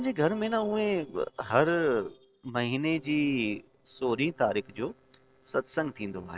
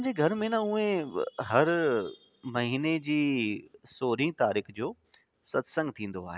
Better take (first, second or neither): second